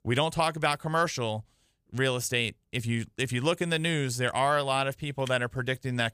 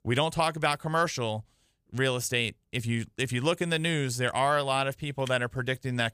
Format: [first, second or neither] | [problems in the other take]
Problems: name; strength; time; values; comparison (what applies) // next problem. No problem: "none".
neither | none